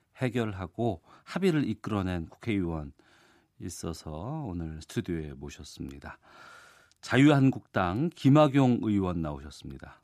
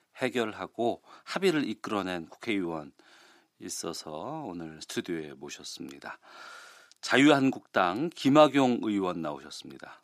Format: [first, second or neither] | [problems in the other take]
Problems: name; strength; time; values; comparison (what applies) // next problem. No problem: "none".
first | thin; very slightly; fading below 300 Hz